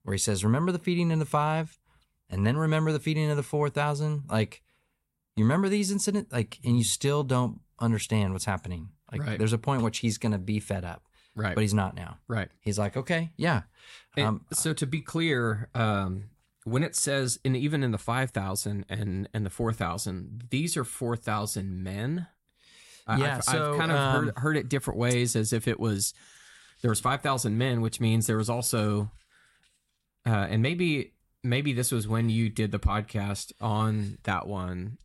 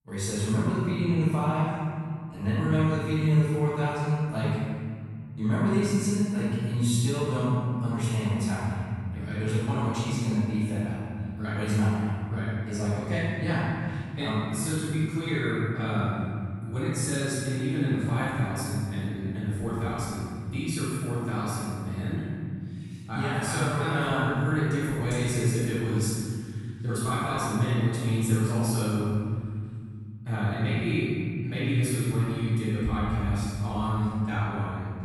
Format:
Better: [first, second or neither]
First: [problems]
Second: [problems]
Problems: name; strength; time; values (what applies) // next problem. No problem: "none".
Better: first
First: none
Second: room echo; strong; dies away in 2.6 s // off-mic speech; far